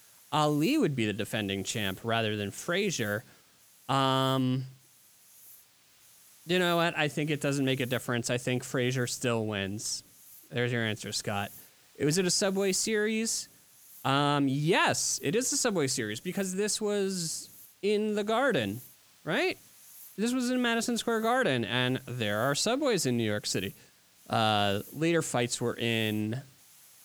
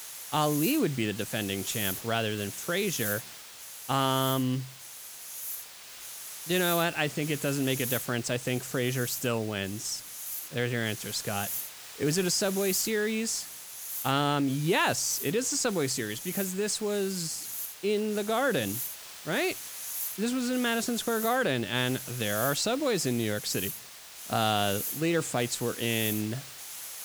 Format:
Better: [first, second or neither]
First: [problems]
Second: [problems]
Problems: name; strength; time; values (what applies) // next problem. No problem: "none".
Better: first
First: hiss; faint; throughout; 25 dB below the speech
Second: hiss; loud; throughout; 7 dB below the speech